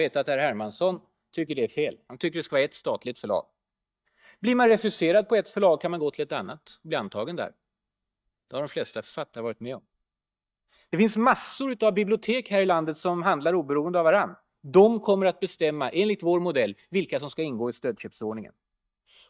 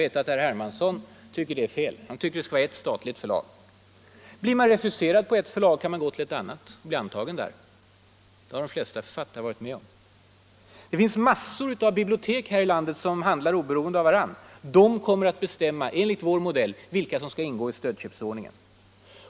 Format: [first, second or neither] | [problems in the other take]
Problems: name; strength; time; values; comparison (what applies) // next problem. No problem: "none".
second | noise reduction (neural mask model DeepFilterNet 3)